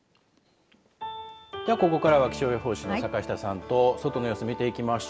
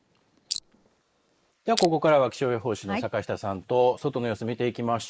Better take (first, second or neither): first